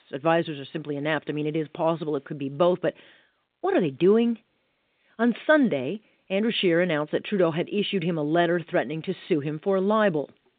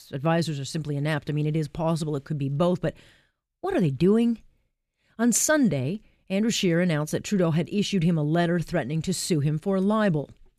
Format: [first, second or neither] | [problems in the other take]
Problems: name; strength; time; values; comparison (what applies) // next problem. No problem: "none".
second | phone-call audio; nothing above 3.5 kHz